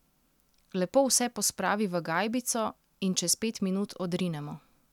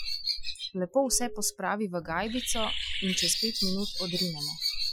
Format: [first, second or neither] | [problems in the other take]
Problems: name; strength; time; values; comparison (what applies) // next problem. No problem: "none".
first | noise reduction (classical method Wiener filter)